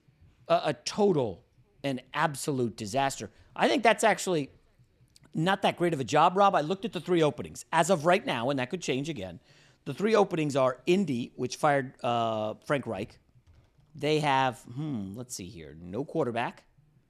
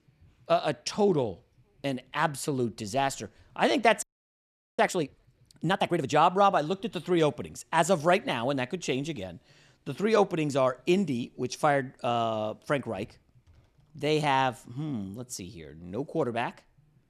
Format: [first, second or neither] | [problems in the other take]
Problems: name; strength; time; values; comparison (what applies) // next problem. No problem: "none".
first | audio freezing; at 4 s for 1 s